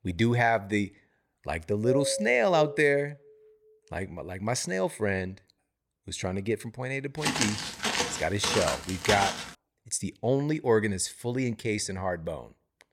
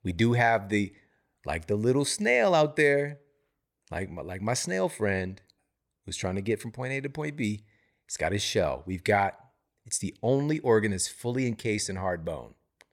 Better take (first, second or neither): second